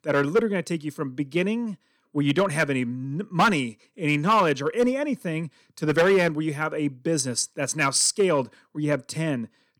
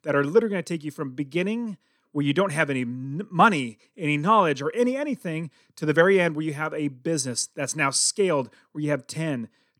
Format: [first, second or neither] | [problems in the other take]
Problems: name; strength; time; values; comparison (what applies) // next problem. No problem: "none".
second | distortion; slight; 3% of the sound clipped